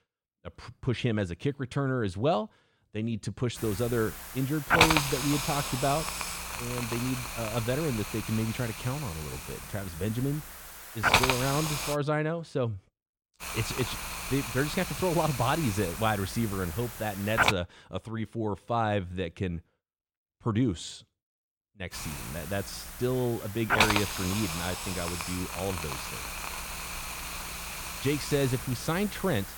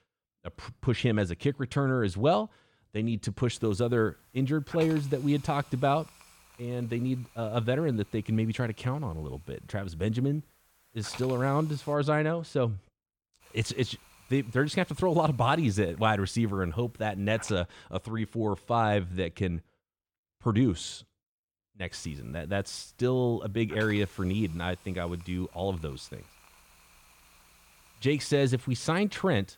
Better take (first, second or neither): second